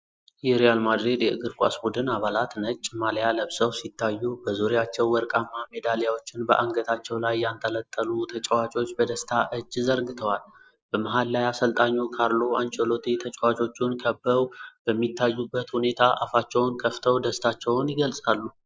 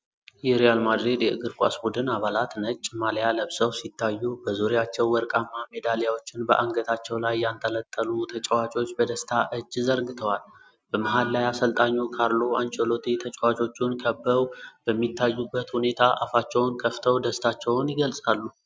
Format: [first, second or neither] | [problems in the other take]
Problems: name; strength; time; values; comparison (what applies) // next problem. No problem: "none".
second | noise reduction (neural mask model Resemble Enhance denoiser)